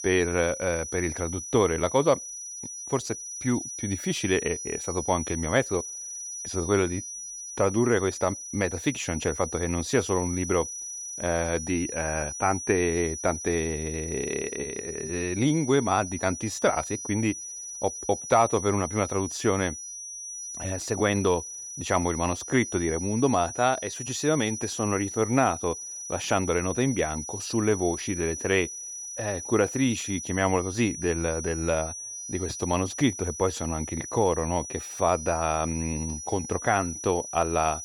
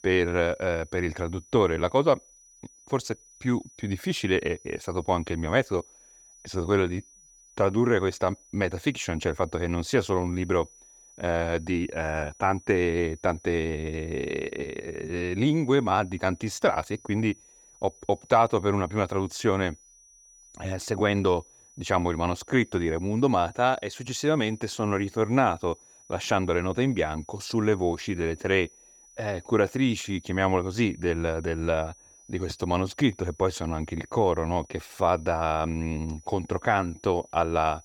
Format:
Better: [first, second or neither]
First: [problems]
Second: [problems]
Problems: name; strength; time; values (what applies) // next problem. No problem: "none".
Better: second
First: high-pitched whine; loud; throughout; 6 kHz, 7 dB below the speech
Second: high-pitched whine; faint; throughout; 6 kHz, 25 dB below the speech